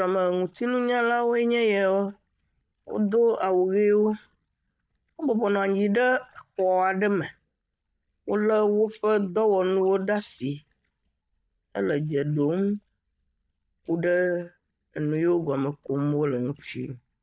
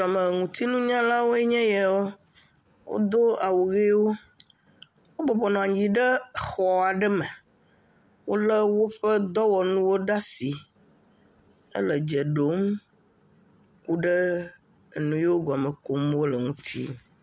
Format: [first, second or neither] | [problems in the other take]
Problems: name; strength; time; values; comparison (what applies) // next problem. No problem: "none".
second | noise reduction (neural mask model DeepFilterNet 3)